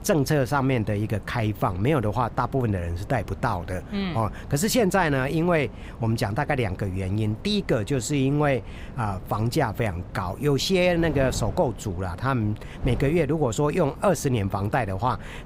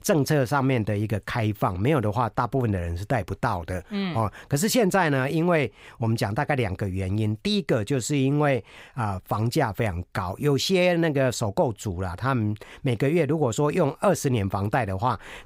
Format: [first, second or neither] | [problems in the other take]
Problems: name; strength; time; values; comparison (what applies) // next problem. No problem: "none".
second | wind noise on the microphone; occasional gusts; 20 dB below the speech